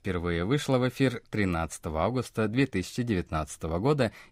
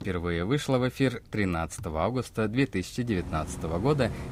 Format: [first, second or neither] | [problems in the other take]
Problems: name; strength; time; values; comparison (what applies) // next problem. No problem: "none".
first | traffic noise; noticeable; throughout; 15 dB below the speech